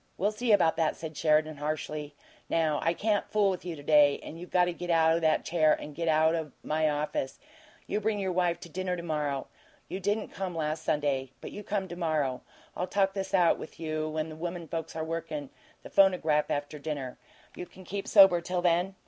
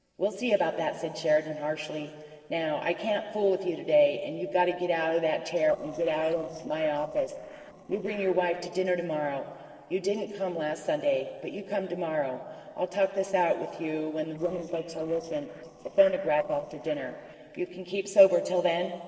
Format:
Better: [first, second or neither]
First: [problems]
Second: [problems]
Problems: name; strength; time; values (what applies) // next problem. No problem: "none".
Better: first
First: none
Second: noise reduction (neural separator model SepFormer DNS4)